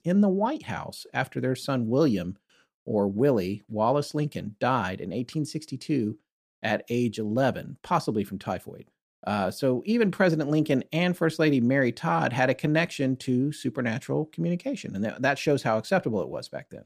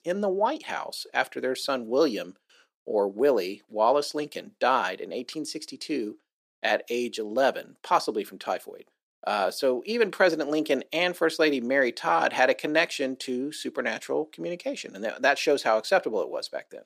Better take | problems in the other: first | thin; somewhat; fading below 350 Hz

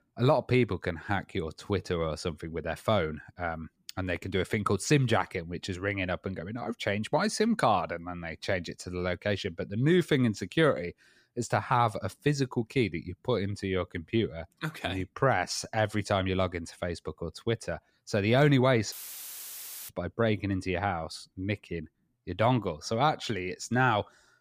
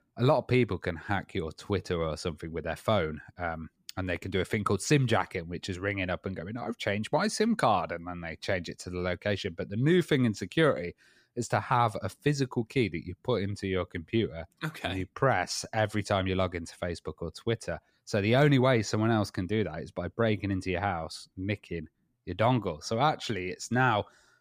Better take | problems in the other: second | audio cutting out; filled with static; at 19 s for 1 s

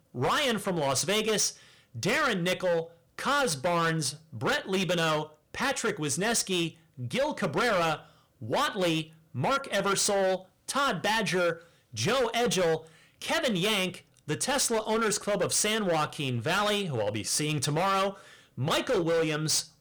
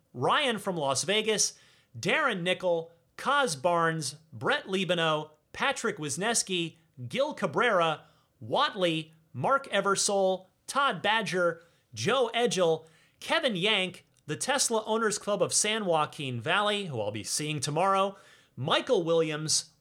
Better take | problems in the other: second | distortion; heavy; 17% of the sound clipped

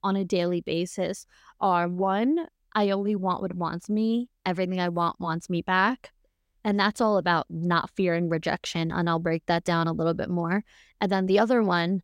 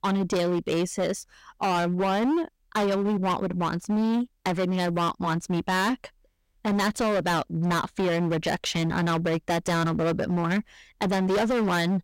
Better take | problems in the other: first | distortion; heavy; 22% of the sound clipped

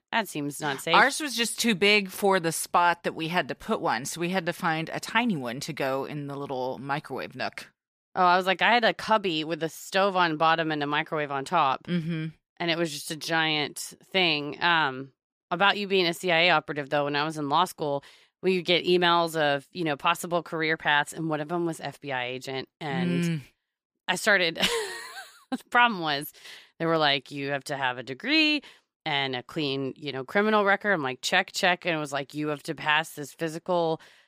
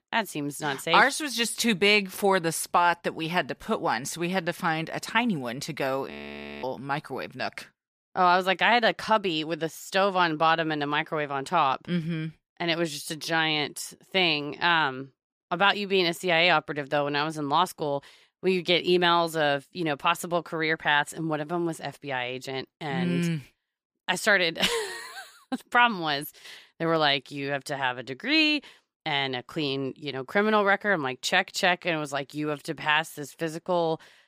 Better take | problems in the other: first | audio freezing; at 6 s for 0.5 s

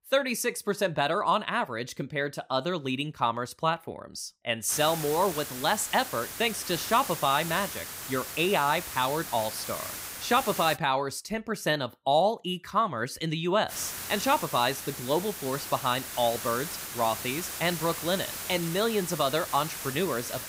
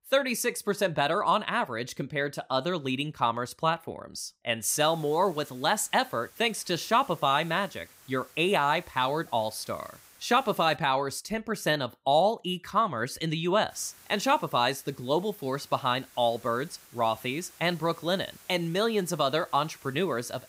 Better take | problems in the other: second | hiss; loud; from 4.5 to 11 s and from 14 s on; 7 dB below the speech; faint in the second

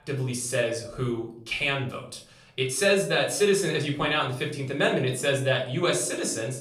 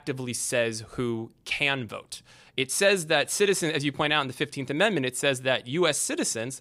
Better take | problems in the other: second | off-mic speech; somewhat distant // room echo; slight; dies away in 0.4 s

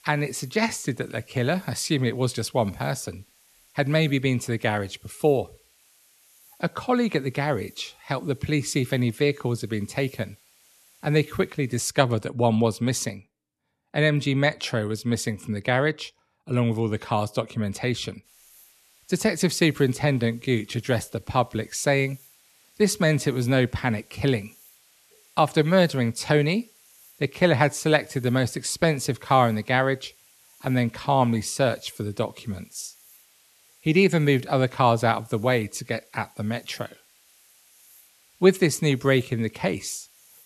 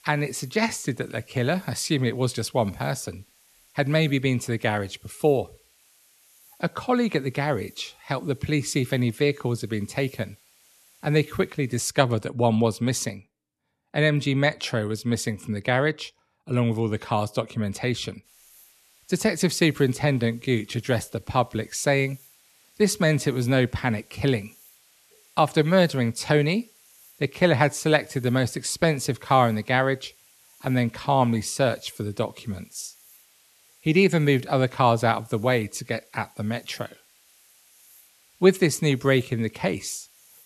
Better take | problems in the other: neither | hiss; faint; until 12 s and from 18 s on; 30 dB below the speech; the same in both

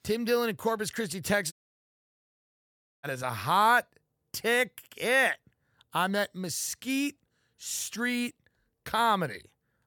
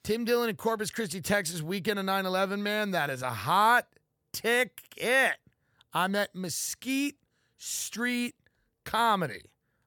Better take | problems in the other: second | audio cutting out; at 1.5 s for 1.5 s

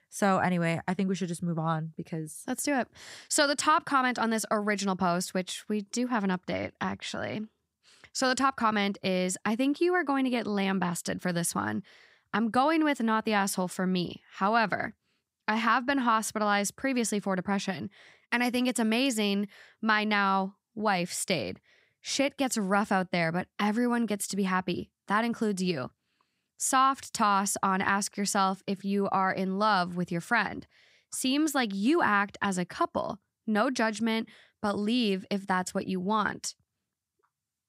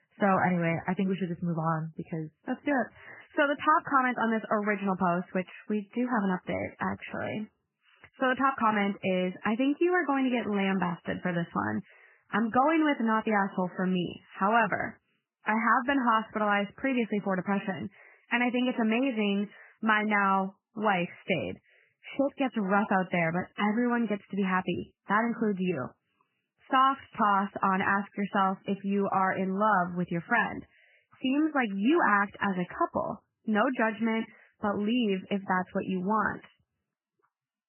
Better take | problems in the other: first | garbled, watery; badly; nothing above 3 kHz

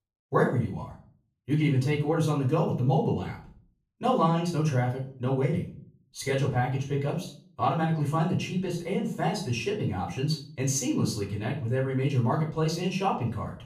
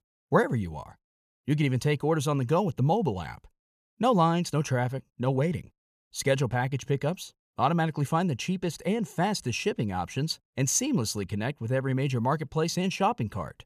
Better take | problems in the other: second | off-mic speech; far // room echo; slight; dies away in 0.4 s

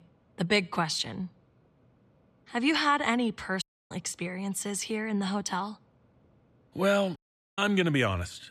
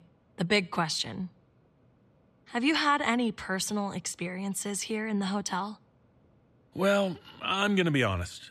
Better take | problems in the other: second | audio cutting out; at 3.5 s and at 7 s

